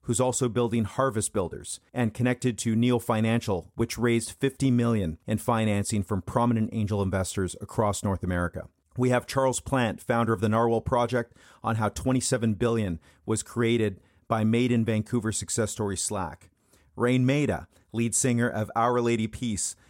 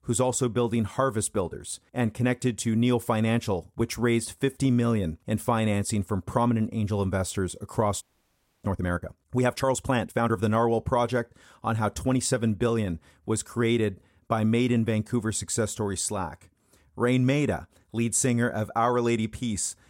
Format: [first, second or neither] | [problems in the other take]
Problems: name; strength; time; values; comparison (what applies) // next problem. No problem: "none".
first | audio freezing; at 8 s for 0.5 s